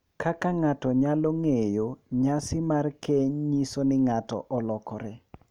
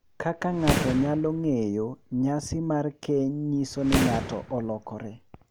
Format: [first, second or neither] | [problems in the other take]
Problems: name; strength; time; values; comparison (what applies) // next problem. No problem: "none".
first | background sound (Fireworks); 5 dB below the speech